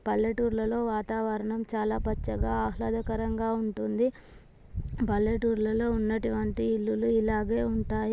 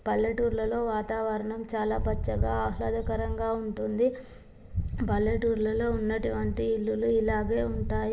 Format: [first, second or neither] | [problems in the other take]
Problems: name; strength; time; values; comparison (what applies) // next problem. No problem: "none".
first | room echo; dies away in 1.6 s